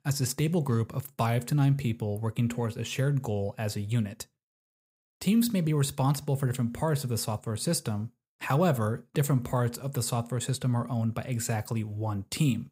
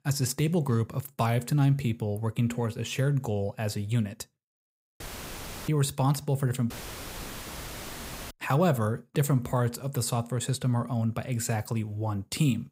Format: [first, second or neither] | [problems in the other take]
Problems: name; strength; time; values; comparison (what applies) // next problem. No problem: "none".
first | audio cutting out; filled with static; at 5 s for 0.5 s and at 6.5 s for 1.5 s